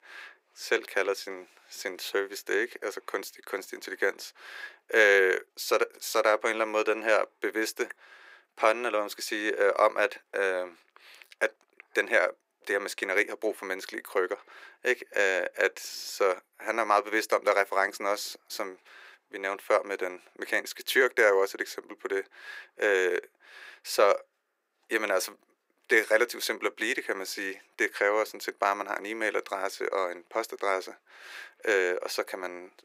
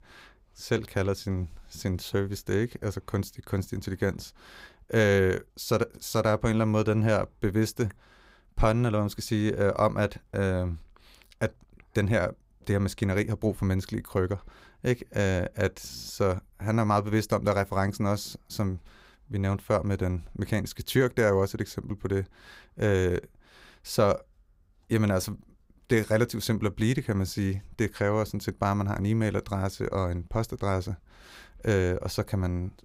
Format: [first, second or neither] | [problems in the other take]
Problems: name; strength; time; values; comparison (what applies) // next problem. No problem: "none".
second | thin; very; fading below 350 Hz